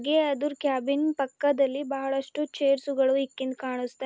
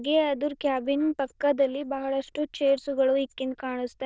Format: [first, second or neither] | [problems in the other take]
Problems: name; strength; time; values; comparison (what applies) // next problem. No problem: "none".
first | noise reduction (neural diffusion model UNIVERSE++)